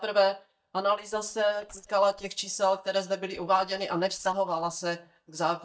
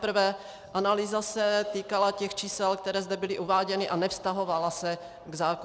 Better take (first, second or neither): second